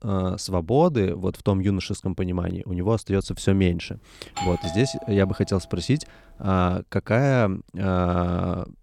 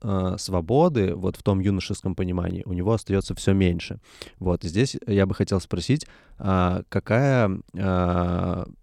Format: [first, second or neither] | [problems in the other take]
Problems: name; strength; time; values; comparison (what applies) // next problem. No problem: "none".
second | doorbell; noticeable; from 4 to 5.5 s; peak 7 dB below the speech